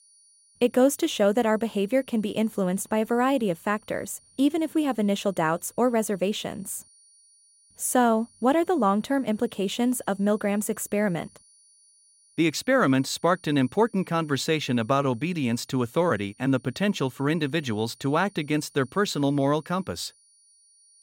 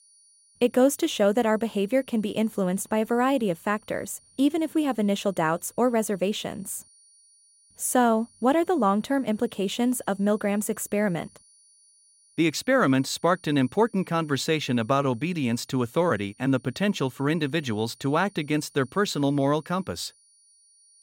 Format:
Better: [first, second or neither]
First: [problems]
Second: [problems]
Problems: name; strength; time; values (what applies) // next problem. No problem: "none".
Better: neither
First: high-pitched whine; faint; throughout; 9.5 kHz, 30 dB below the speech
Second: high-pitched whine; faint; throughout; 9.5 kHz, 30 dB below the speech